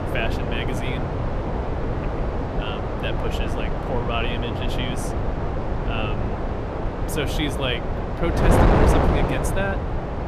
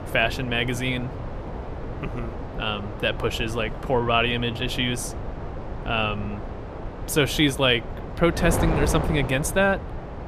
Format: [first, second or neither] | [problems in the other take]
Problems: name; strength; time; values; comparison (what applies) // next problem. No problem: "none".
second | wind noise on the microphone; heavy; 2 dB above the speech; occasional gusts in the second